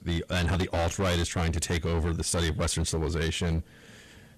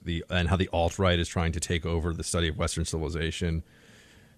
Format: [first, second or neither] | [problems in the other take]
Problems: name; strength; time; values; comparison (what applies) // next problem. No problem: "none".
second | distortion; heavy; 20% of the sound clipped